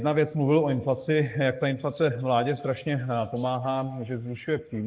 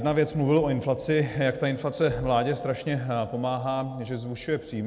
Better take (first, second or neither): second